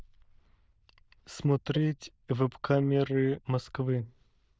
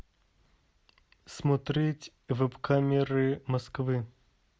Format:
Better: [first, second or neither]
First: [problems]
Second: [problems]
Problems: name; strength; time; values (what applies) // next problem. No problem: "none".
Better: second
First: noise reduction (neural diffusion model UNIVERSE++)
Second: none